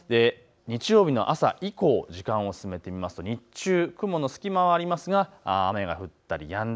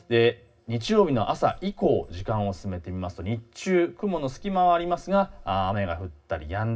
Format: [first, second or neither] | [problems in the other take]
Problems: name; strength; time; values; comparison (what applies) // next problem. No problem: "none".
first | background sound (Meow); 19 dB below the speech // room echo; dies away in 0.4 s